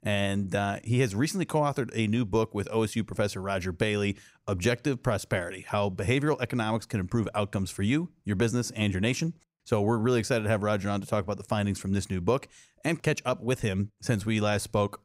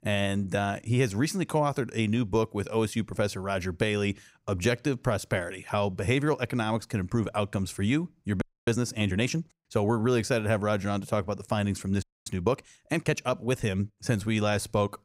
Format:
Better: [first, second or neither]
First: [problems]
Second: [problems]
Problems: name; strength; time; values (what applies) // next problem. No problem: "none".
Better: first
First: none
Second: audio freezing; at 8.5 s and at 12 s